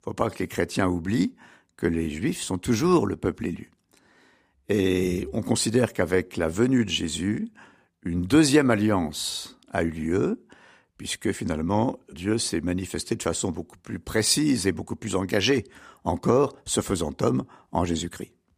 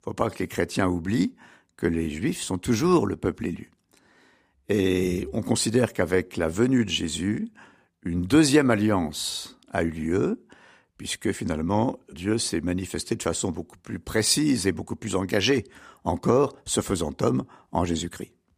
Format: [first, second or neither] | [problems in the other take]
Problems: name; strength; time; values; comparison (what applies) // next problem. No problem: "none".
neither | none